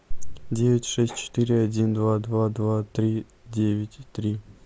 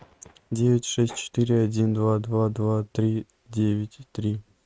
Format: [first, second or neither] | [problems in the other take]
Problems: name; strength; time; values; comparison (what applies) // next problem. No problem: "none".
first | noise reduction (neural mask model RNNoise)